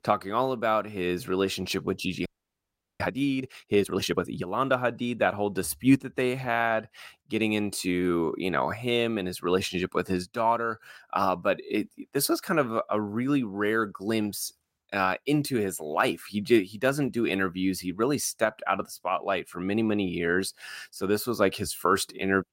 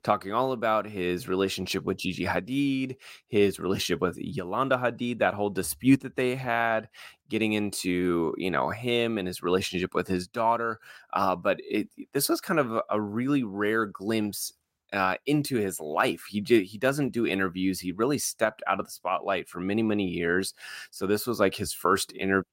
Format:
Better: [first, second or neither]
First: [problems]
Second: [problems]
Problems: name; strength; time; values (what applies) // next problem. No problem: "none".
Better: second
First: audio freezing; at 2.5 s for 0.5 s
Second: none